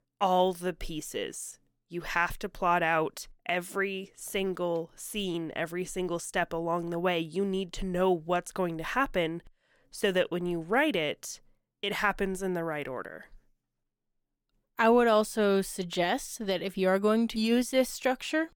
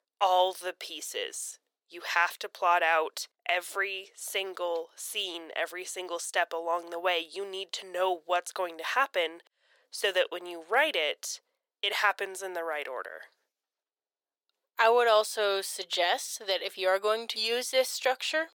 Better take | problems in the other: first | thin; very; fading below 450 Hz

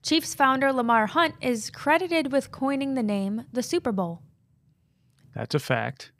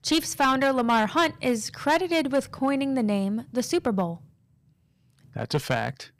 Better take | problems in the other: first | distortion; slight; 4% of the sound clipped

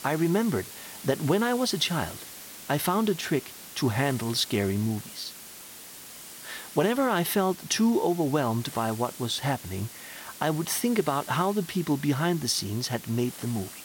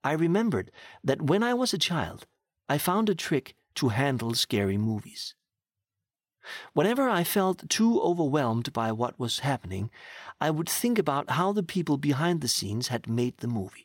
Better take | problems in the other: second | hiss; noticeable; throughout; 15 dB below the speech

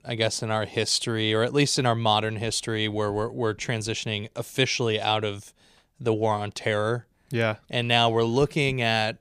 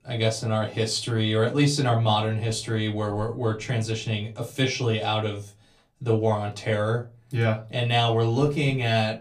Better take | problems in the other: first | off-mic speech; far // room echo; very slight; dies away in 0.2 s

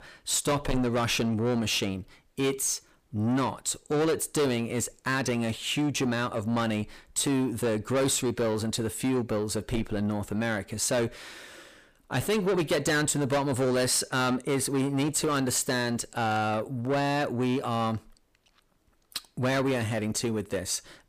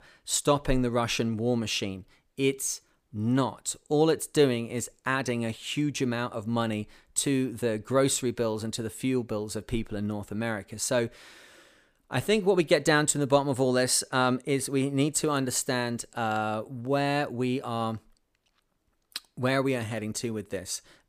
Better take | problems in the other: second | distortion; heavy; 7 dB below the speech

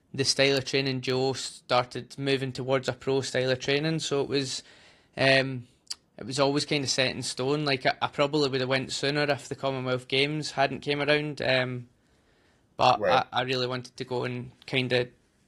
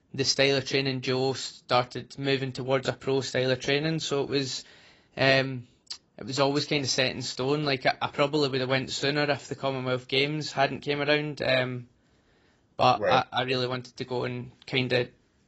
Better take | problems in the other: first | garbled, watery; badly; nothing above 7.5 kHz; slightly in the first

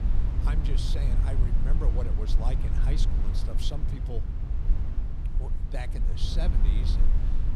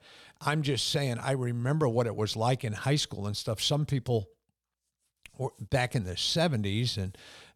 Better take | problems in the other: second | low rumble; loud; throughout; 3 dB below the speech

